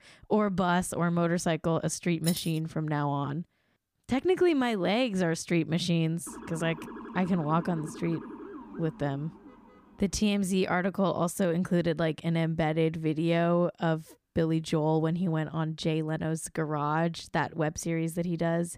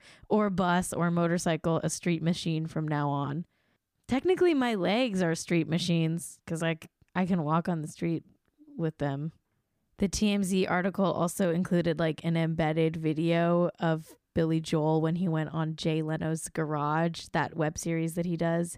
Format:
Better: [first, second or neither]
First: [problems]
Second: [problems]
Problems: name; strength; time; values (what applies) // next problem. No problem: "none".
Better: second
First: jangling keys; noticeable; at 2 s; peak 7 dB below the speech // siren; faint; from 6.5 to 10 s; peak 15 dB below the speech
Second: none